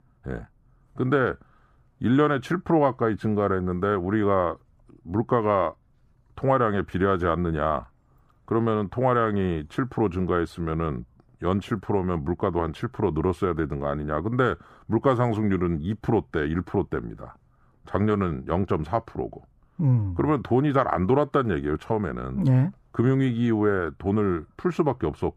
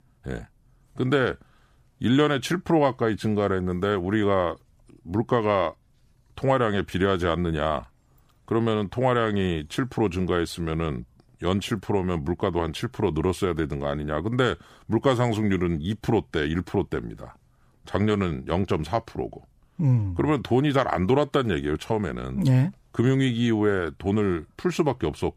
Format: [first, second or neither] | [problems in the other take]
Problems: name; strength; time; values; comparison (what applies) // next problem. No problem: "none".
second | muffled; slightly; fading above 2 kHz